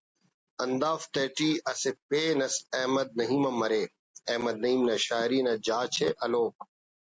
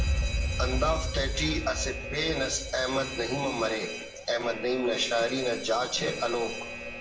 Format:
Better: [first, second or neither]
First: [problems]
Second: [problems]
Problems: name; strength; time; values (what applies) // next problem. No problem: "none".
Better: first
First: none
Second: background sound (Alarm); 3 dB below the speech // room echo; dies away in 0.6 s